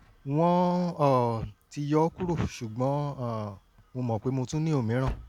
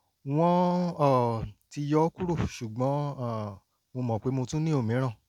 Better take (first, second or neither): second